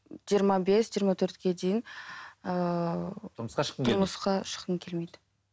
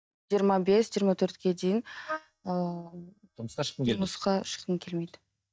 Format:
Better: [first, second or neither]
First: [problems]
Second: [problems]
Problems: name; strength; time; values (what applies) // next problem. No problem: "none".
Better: first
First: none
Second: noise reduction (neural mask model DeepFilterNet 3)